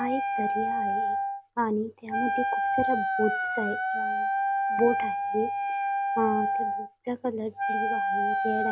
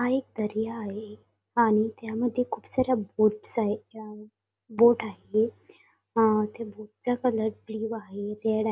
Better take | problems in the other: second | background sound (Wind instrument, woodwind instrument); 3 dB above the speech

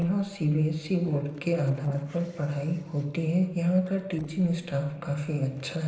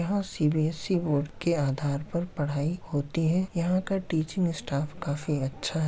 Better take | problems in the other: second | noise reduction (neural separator model SepFormer DNS4)

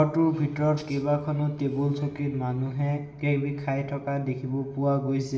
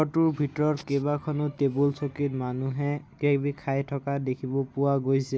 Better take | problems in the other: second | room echo; dies away in 1.9 s

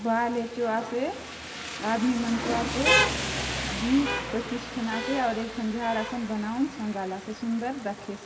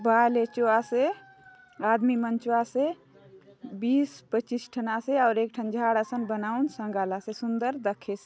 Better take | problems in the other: second | background sound (Rain); 2 dB below the speech // room echo; dies away in 1.7 s

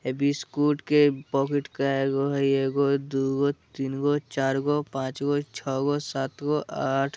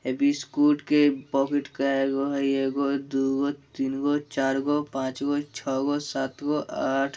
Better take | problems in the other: first | room echo; dies away in 0.2 s

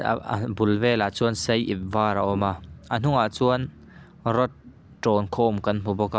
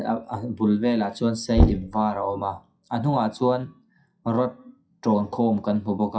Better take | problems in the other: first | noise reduction (classical method WPE with log-MMSE)

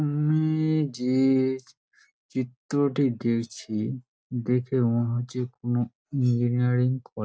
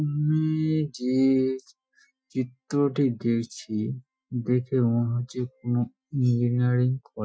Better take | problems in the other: first | noise reduction (classical method Wiener filter)

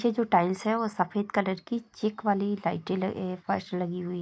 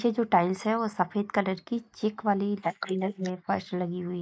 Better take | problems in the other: first | noise reduction (neural mask model Resemble Enhance denoiser)

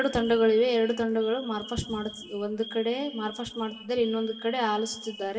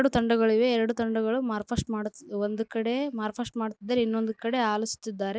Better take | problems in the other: second | background sound (Alarm); 17 dB below the speech // room echo; dies away in 0.9 s

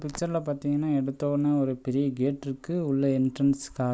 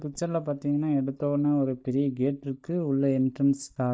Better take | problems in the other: first | noise reduction (neural mask model DeepFilterNet 3)

